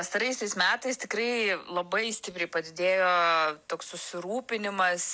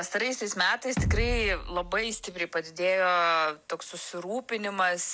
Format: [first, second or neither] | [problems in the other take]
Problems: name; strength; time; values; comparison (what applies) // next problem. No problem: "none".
first | background sound (Bass drum); 2 dB below the speech